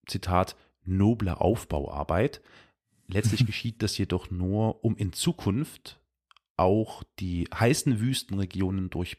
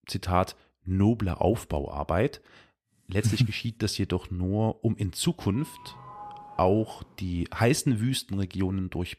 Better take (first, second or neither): first